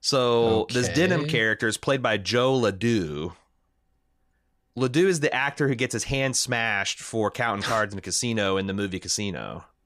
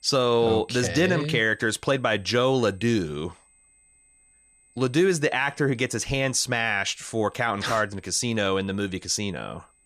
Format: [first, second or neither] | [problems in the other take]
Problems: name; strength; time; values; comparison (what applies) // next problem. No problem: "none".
first | high-pitched whine; faint; throughout; 8 kHz, 35 dB below the speech